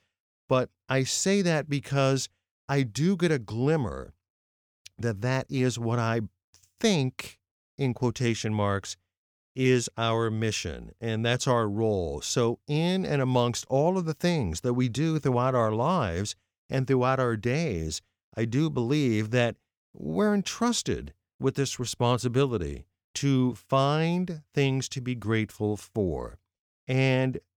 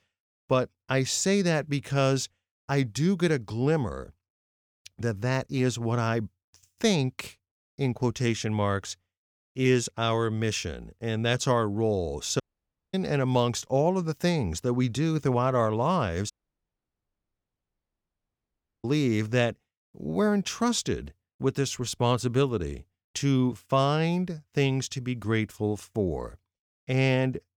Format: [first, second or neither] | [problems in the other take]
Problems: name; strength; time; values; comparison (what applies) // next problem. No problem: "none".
first | audio cutting out; at 12 s for 0.5 s and at 16 s for 2.5 s